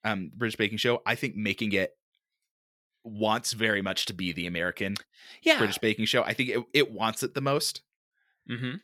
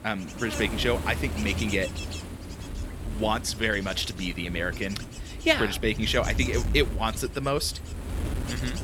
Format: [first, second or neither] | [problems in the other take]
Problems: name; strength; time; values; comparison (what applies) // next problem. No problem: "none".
first | wind noise on the microphone; occasional gusts; 10 dB below the speech